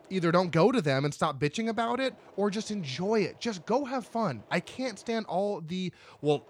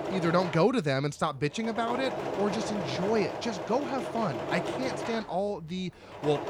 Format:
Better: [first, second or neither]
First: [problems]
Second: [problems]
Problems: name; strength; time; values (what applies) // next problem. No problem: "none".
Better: first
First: machinery noise; faint; throughout; 25 dB below the speech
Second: machinery noise; loud; throughout; 5 dB below the speech